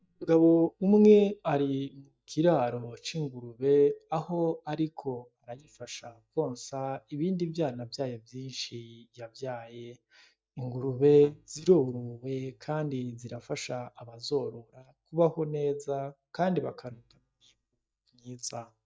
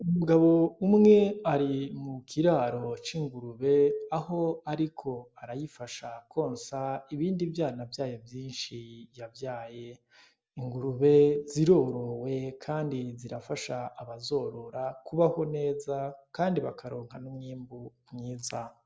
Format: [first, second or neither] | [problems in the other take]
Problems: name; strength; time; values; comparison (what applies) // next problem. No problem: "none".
second | noise reduction (neural mask model DeepFilterNet 3)